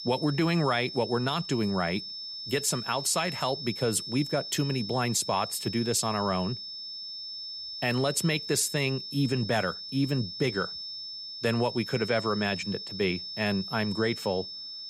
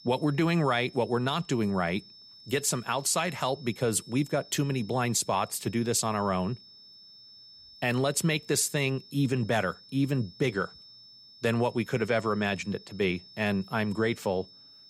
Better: second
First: high-pitched whine; loud; throughout; 5.5 kHz, 7 dB below the speech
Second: high-pitched whine; faint; throughout; 5.5 kHz, 20 dB below the speech

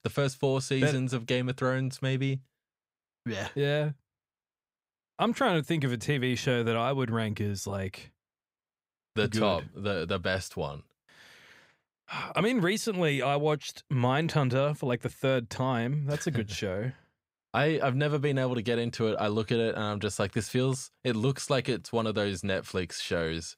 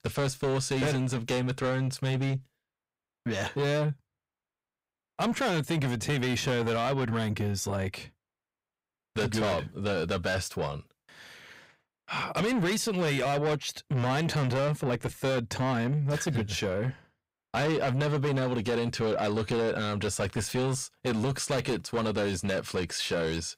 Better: first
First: none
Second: distortion; heavy; 8 dB below the speech

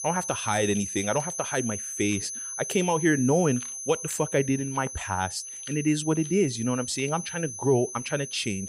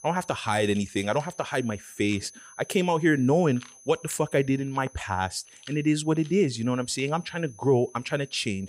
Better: second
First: high-pitched whine; loud; throughout; 6 kHz, 7 dB below the speech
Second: high-pitched whine; faint; throughout; 6 kHz, 25 dB below the speech

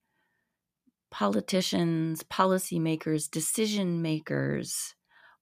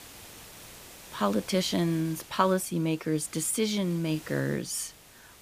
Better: first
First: none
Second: hiss; noticeable; throughout; 20 dB below the speech

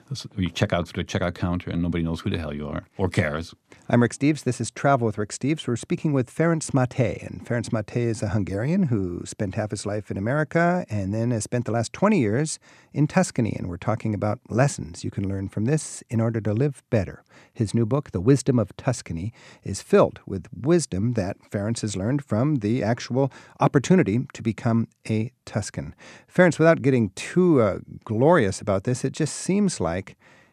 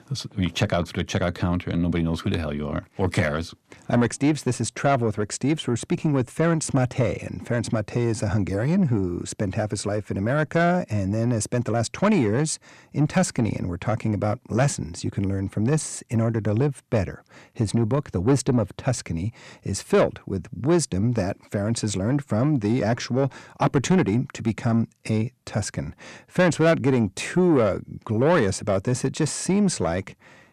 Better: first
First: none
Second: distortion; slight; 10 dB below the speech

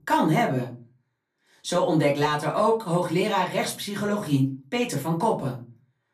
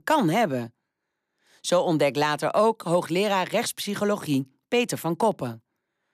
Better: second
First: off-mic speech; far // room echo; very slight; dies away in 0.3 s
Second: none

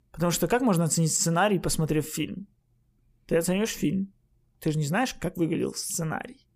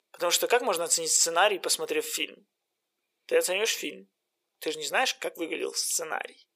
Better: first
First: none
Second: thin; very; fading below 450 Hz

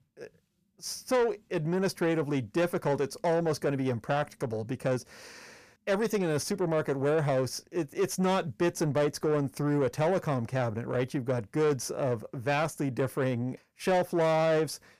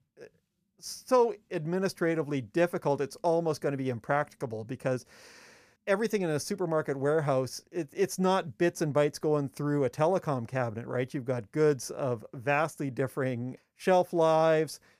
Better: second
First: distortion; slight; 10 dB below the speech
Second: none

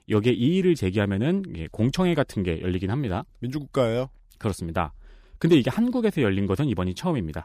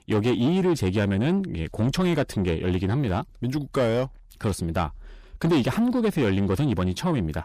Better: first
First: none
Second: distortion; slight; 10 dB below the speech

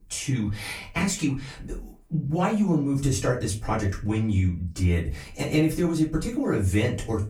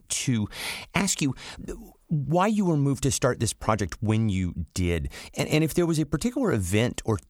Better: second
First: off-mic speech; far // room echo; very slight; dies away in 0.3 s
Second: none

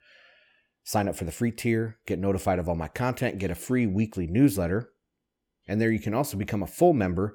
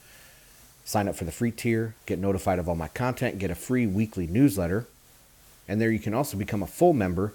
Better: first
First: none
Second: hiss; faint; throughout; 25 dB below the speech

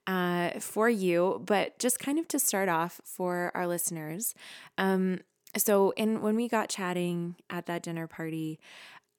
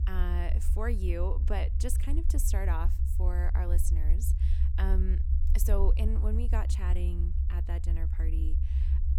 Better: first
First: none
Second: low rumble; loud; throughout; 8 dB below the speech

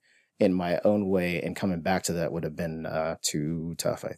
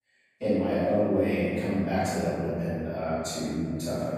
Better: first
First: none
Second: off-mic speech; far // room echo; strong; dies away in 2 s

